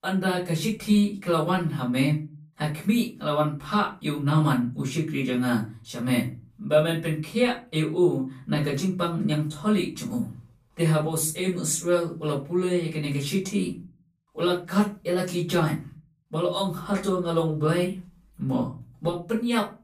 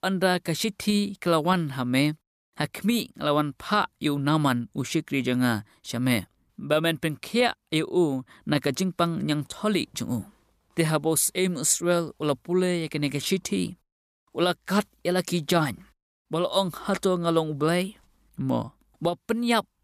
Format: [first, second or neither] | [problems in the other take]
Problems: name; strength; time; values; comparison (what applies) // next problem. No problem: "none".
second | off-mic speech; far // room echo; slight; dies away in 0.4 s